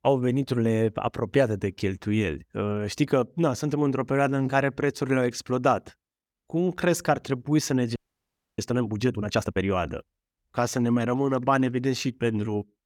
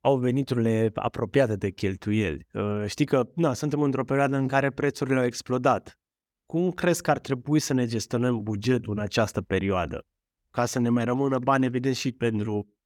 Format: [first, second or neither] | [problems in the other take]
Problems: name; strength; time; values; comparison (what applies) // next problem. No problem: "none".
second | audio freezing; at 8 s for 0.5 s